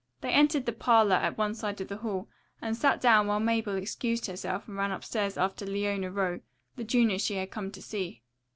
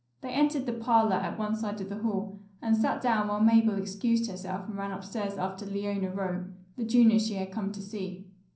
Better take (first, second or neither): first